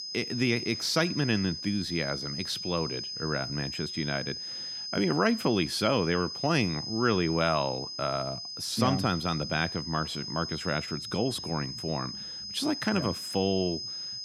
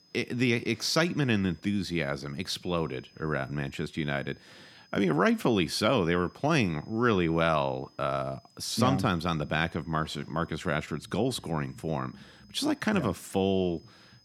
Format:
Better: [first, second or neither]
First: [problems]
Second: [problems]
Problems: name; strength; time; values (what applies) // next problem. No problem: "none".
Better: second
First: high-pitched whine; loud; throughout; 5 kHz, 5 dB below the speech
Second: high-pitched whine; faint; throughout; 5 kHz, 30 dB below the speech